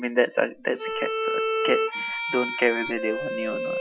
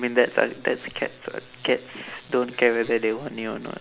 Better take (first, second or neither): second